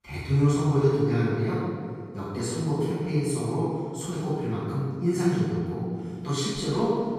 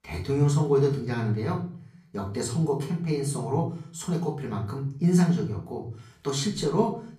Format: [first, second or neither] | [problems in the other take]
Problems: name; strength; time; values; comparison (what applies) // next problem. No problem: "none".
second | room echo; strong; dies away in 1.9 s; slight in the second // off-mic speech; far; far in the second